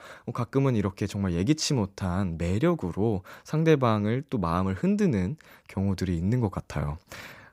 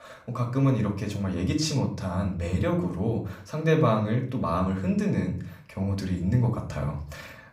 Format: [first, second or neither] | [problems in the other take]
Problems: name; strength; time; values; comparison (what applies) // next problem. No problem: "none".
first | room echo; slight; dies away in 0.4 s // off-mic speech; somewhat distant